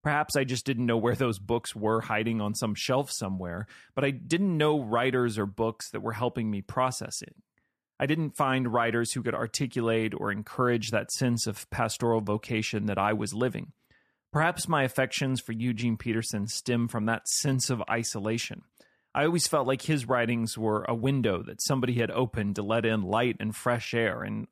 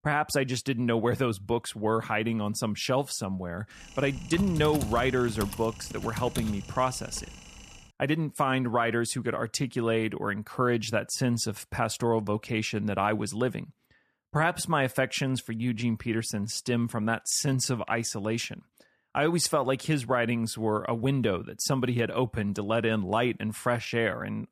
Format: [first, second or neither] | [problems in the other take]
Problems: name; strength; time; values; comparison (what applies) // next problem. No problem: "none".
first | keyboard typing; noticeable; from 4 to 8 s; peak 6 dB below the speech